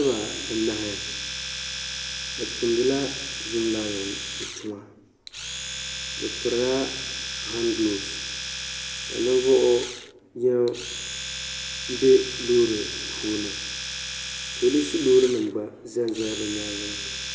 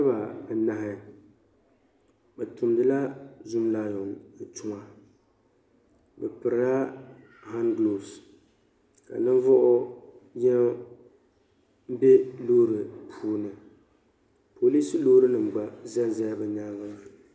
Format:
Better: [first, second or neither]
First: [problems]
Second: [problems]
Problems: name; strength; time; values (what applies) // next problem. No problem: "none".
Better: second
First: background sound (Domestic sounds, home sounds); 7 dB below the speech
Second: none